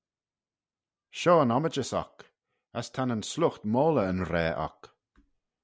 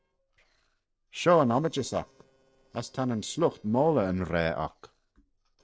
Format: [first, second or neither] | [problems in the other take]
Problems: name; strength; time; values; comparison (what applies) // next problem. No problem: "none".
first | noise reduction (neural separator model SepFormer DNS4)